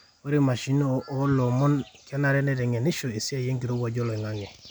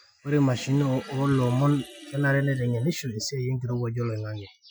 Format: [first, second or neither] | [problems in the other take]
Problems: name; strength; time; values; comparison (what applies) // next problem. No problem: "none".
first | noise reduction (classical method Wiener filter)